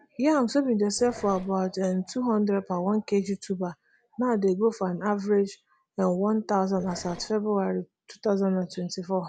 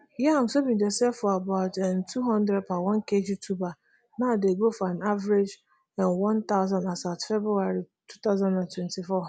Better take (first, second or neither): second